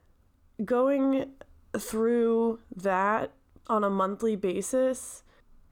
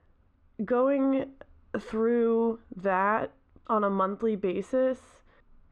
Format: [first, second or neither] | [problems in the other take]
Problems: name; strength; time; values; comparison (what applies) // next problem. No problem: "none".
first | muffled; very; fading above 2.5 kHz